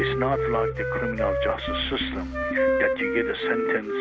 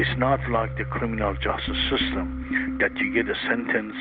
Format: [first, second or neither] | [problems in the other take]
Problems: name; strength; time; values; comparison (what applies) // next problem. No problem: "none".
second | background sound (Wind instrument, woodwind instrument); 1 dB above the speech